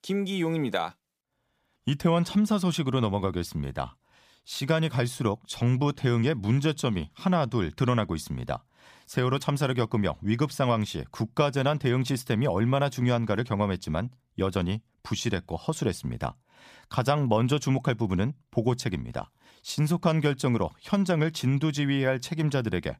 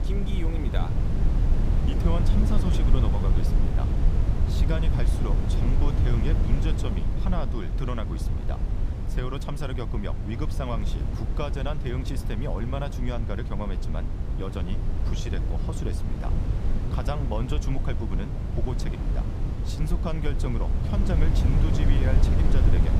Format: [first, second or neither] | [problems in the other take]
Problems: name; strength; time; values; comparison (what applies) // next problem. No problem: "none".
first | wind noise on the microphone; heavy; 2 dB below the speech